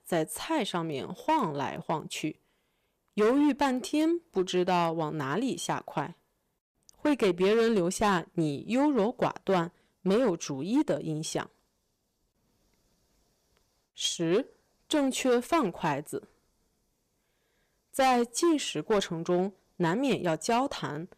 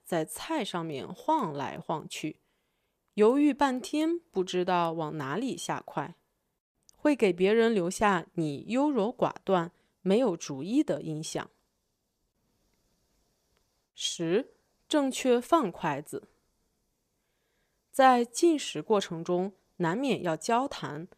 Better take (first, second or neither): second